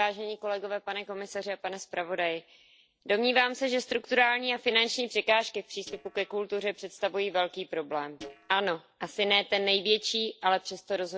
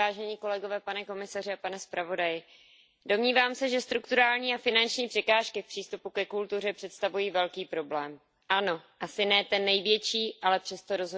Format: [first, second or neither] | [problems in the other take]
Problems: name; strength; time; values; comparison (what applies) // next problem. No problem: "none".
second | noise reduction (neural separator model SepFormer DNS4)